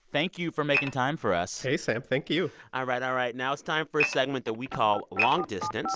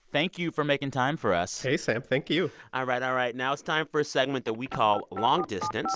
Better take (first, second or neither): second